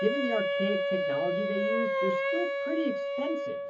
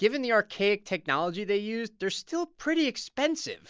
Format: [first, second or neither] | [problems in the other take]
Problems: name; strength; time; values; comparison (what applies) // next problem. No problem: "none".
second | background sound (Wind instrument, woodwind instrument); 4 dB above the speech // room echo; dies away in 0.3 s